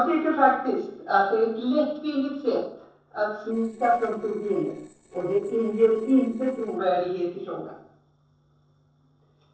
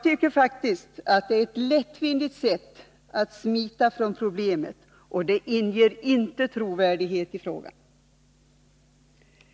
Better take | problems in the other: second | noise reduction (neural separator model SepFormer DNS4)

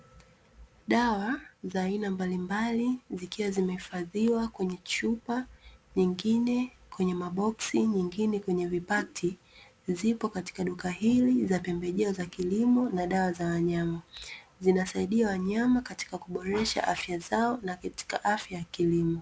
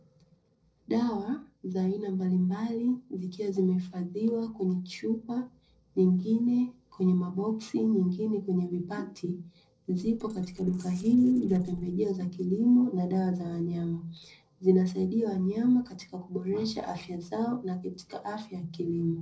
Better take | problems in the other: first | noise reduction (neural separator model SepFormer DNS4)

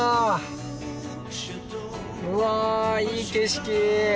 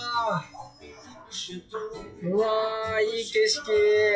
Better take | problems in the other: first | noise reduction (classical method WPE with log-MMSE)

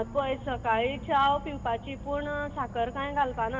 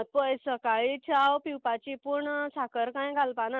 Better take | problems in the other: second | background sound (Insect / Frog); 11 dB below the speech // room echo; dies away in 1.2 s

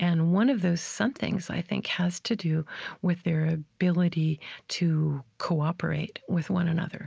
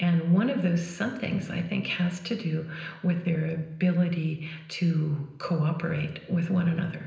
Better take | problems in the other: first | room echo; dies away in 0.9 s

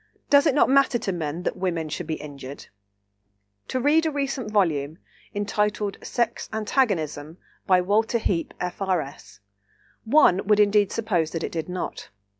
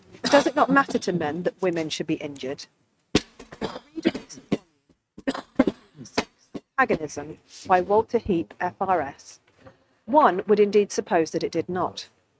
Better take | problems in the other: first | noise reduction (neural mask model RNNoise)

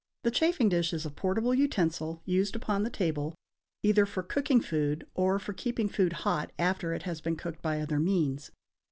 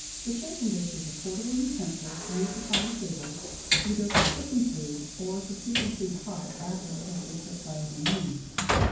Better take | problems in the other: first | background sound (Train); as loud as the speech // room echo; dies away in 0.9 s

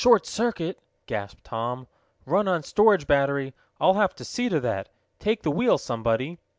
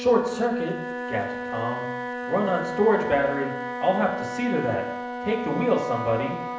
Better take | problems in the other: first | background sound (Wind instrument, woodwind instrument); 6 dB below the speech // room echo; dies away in 0.8 s

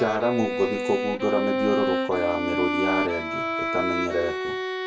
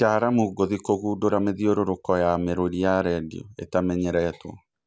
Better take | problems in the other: second | background sound (Bowed string instrument); as loud as the speech // room echo; dies away in 0.2 s

